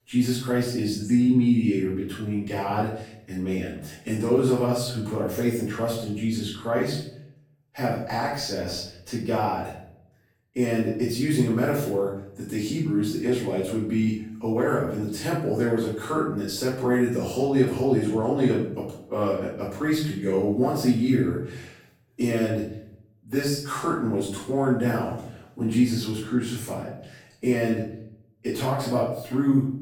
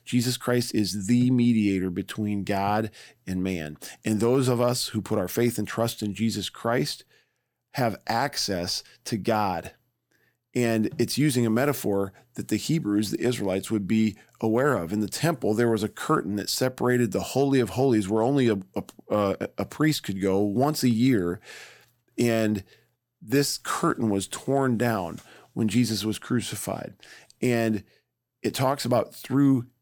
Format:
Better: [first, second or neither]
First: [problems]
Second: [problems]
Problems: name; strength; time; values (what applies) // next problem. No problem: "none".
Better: second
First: off-mic speech; far // room echo; noticeable; dies away in 0.6 s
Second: none